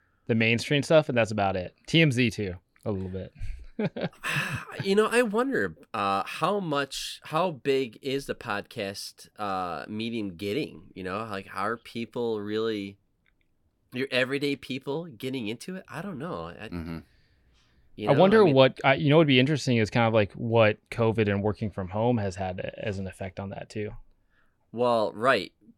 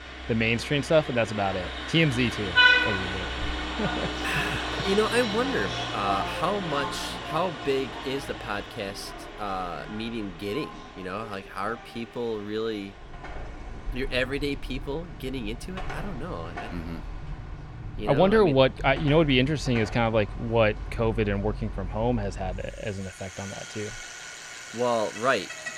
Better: first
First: none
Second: traffic noise; loud; throughout; 4 dB below the speech

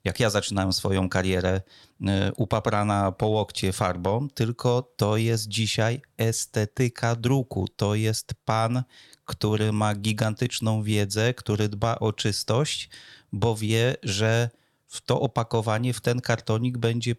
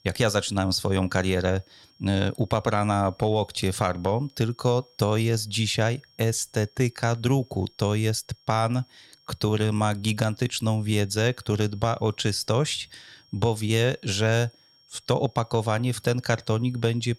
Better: first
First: none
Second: high-pitched whine; faint; throughout; 5.5 kHz, 30 dB below the speech

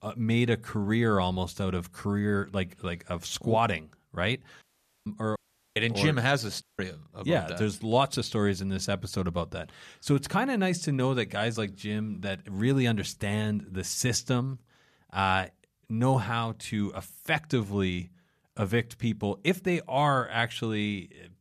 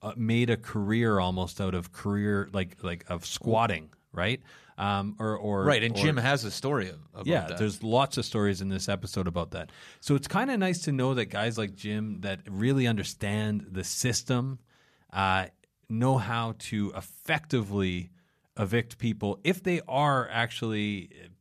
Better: second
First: audio cutting out; at 4.5 s, at 5.5 s and at 6.5 s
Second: none

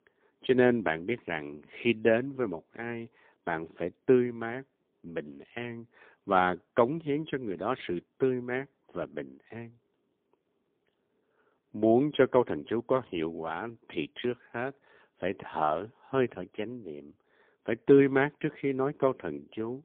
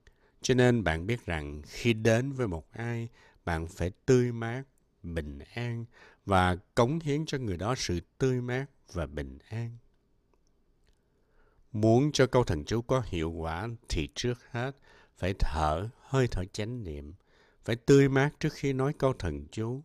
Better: second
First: phone-call audio; poor line; nothing above 3.5 kHz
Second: none

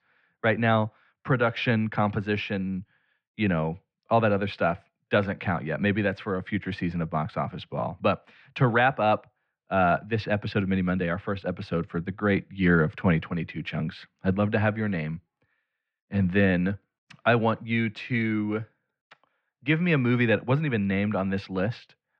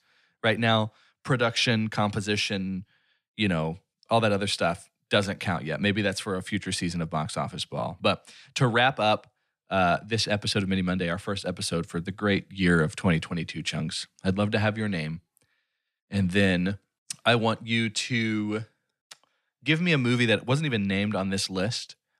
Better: second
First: muffled; very; fading above 2.5 kHz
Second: none

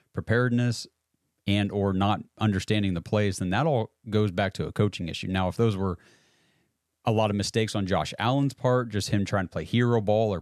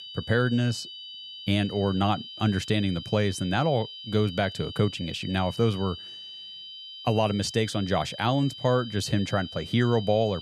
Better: first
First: none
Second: high-pitched whine; noticeable; throughout; 3 kHz, 10 dB below the speech

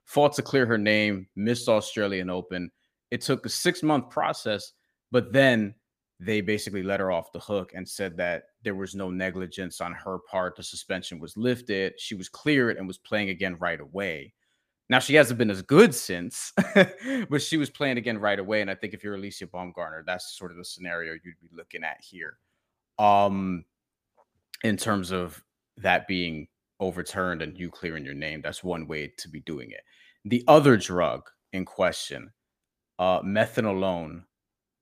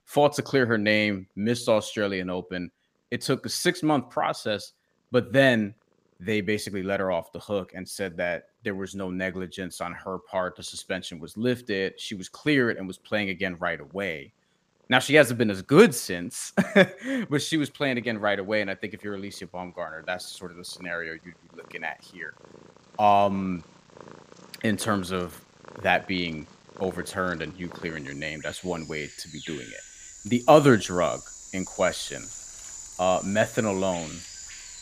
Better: first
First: none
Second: animal sounds; noticeable; throughout; 15 dB below the speech

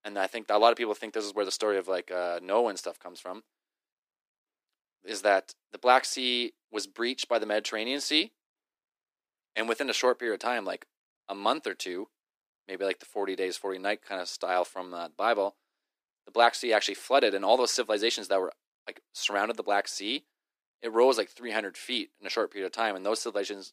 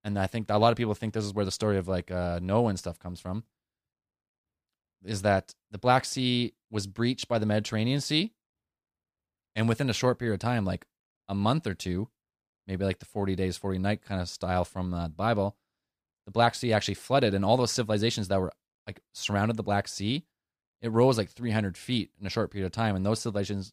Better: second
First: thin; very; fading below 300 Hz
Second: none

